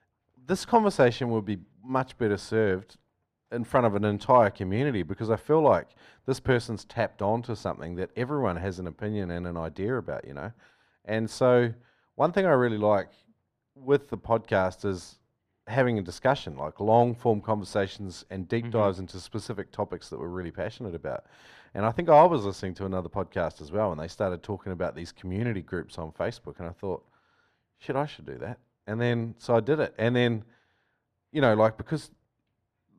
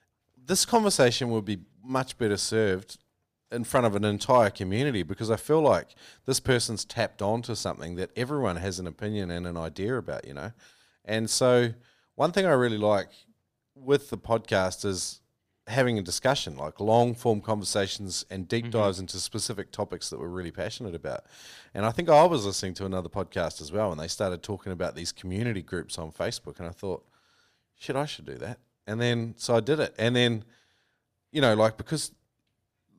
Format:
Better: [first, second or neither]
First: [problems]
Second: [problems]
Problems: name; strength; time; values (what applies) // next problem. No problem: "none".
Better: second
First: muffled; slightly; fading above 3.5 kHz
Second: none